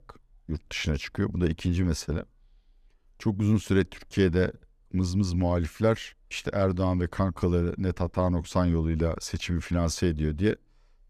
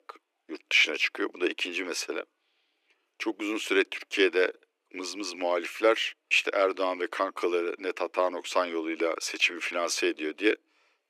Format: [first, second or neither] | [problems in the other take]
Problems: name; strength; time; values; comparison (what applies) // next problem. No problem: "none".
first | thin; very; fading below 300 Hz